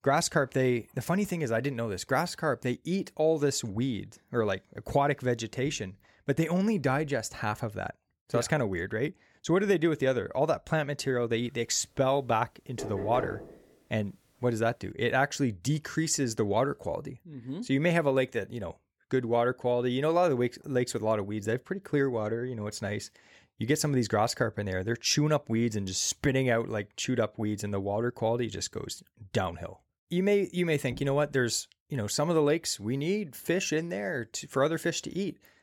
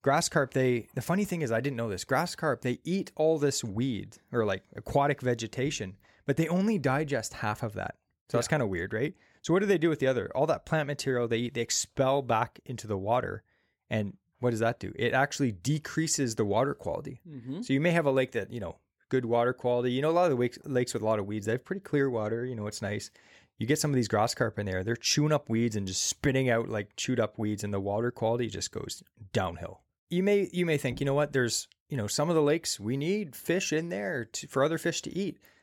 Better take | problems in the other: second | door banging; noticeable; at 13 s; peak 7 dB below the speech

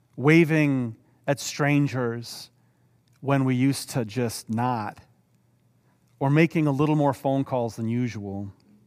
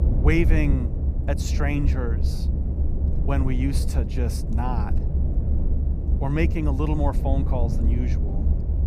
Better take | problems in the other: first | low rumble; loud; throughout; 8 dB below the speech

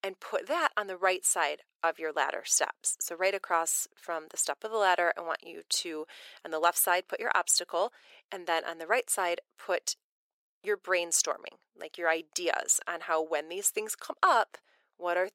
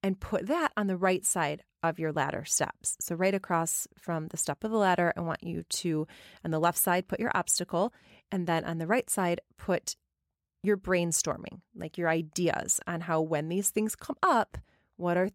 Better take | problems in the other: second | thin; very; fading below 400 Hz

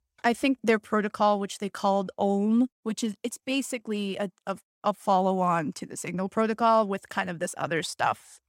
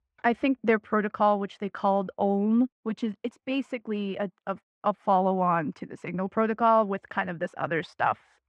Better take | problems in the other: first | muffled; very; fading above 2 kHz

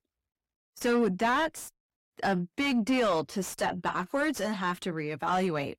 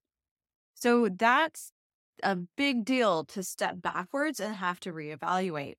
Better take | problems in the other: second | distortion; heavy; 7 dB below the speech

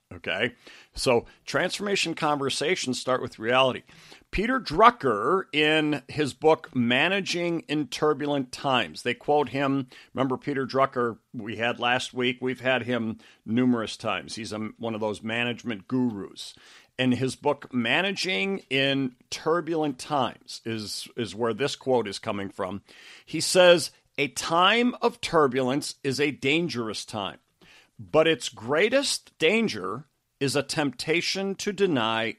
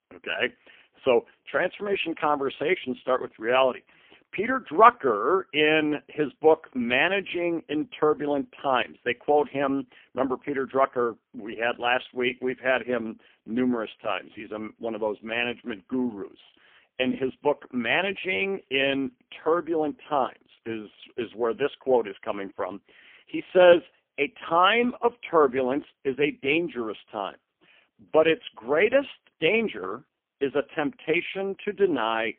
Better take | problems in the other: first | phone-call audio; poor line; nothing above 3 kHz

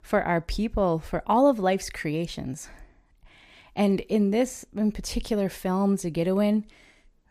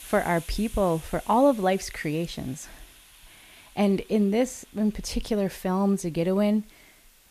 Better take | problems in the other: first | hiss; faint; throughout; 20 dB below the speech

